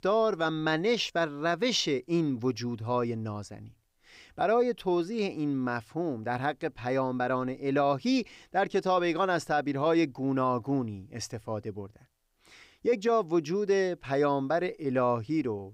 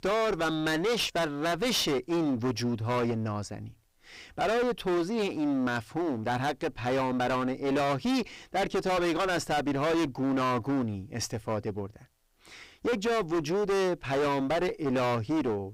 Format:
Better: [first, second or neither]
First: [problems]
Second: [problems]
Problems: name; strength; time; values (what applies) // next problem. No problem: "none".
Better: first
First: none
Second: distortion; heavy; 27% of the sound clipped